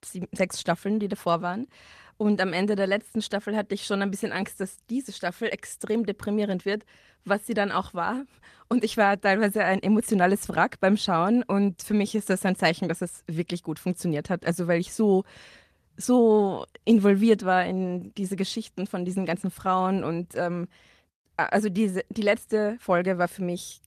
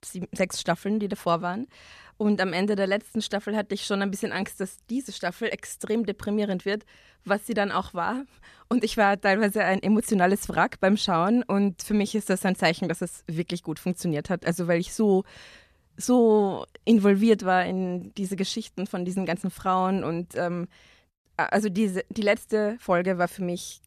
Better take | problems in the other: second | garbled, watery; slightly; nothing above 14 kHz

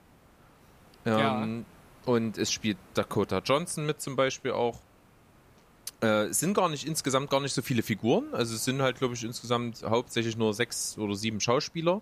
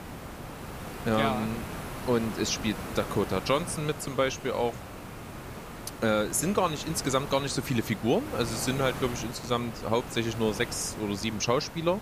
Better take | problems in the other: first | hiss; loud; throughout; 10 dB below the speech; faint in the first

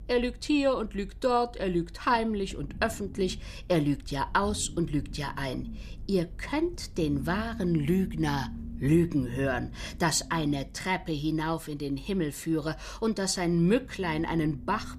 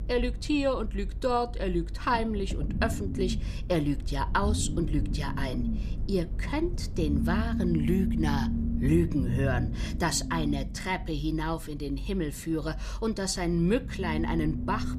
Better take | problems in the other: first | low rumble; loud; throughout; 9 dB below the speech; faint in the first

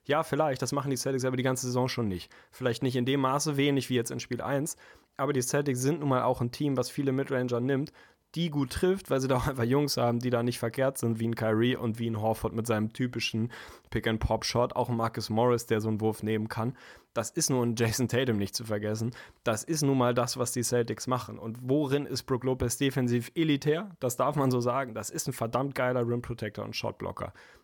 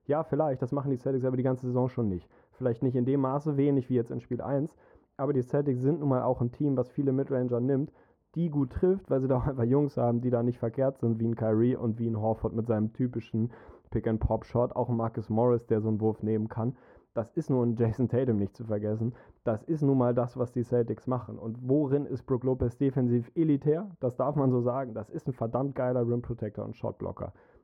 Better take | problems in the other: first | muffled; very; fading above 2 kHz

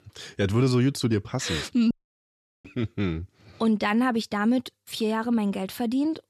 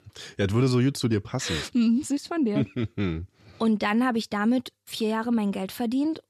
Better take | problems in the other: second | audio cutting out; at 2 s for 0.5 s

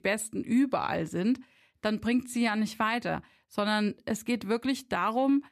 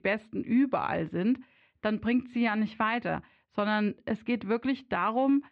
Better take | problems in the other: first | muffled; slightly; fading above 3 kHz

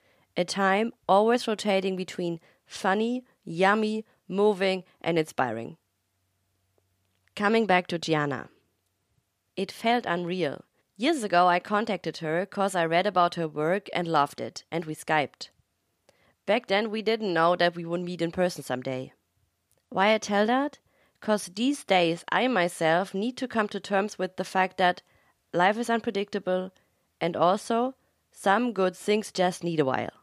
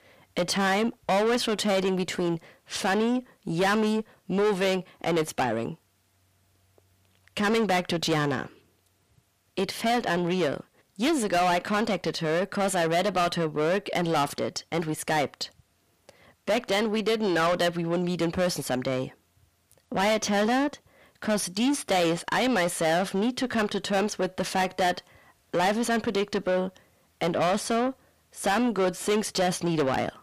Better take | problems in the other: first | distortion; heavy; 6 dB below the speech

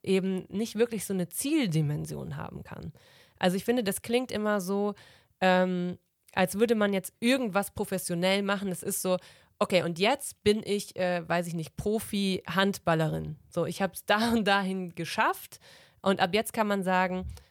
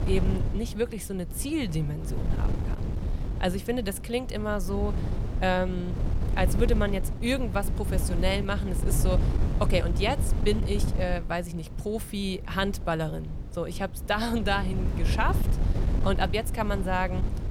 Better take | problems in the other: first | wind noise on the microphone; occasional gusts; 10 dB below the speech

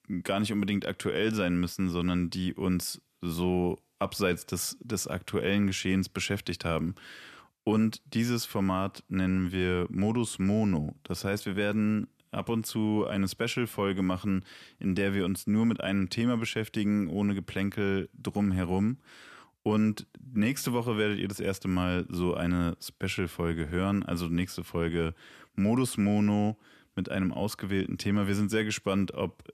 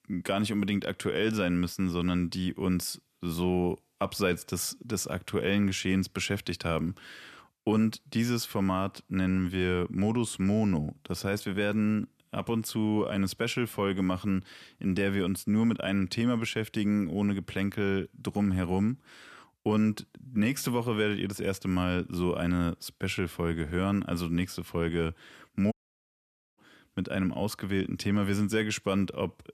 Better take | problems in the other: first | audio cutting out; at 26 s for 1 s

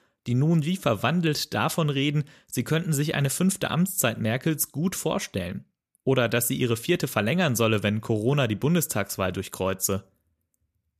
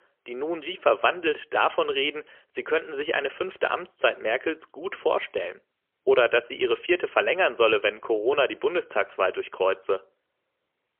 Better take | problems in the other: first | phone-call audio; poor line; nothing above 3 kHz

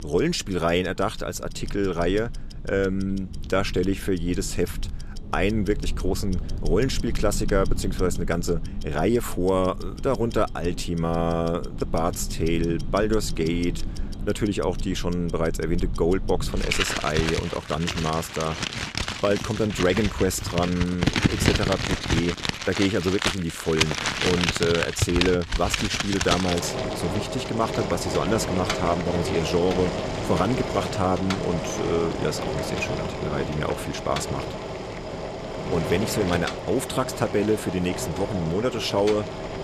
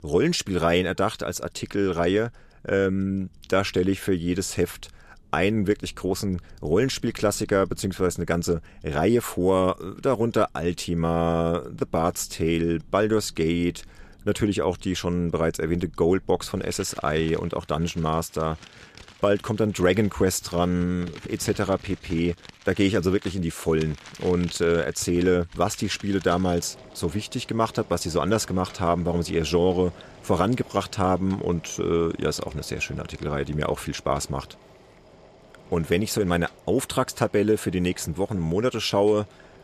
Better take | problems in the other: second | household noises; loud; throughout; 4 dB below the speech; faint in the second

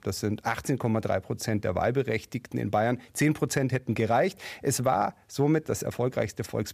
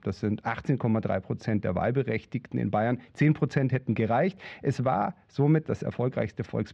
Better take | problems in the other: first | muffled; slightly; fading above 3.5 kHz

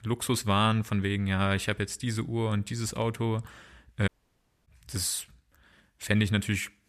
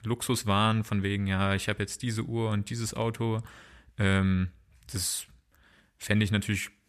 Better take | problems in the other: second | audio cutting out; at 4 s for 0.5 s

